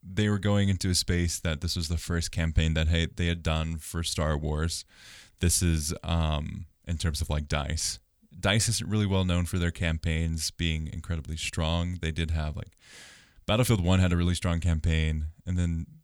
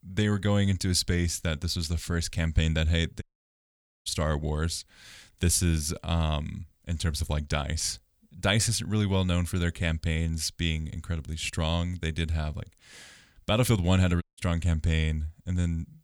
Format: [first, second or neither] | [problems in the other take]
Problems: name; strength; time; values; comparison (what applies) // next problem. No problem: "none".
first | audio cutting out; at 3 s for 1 s and at 14 s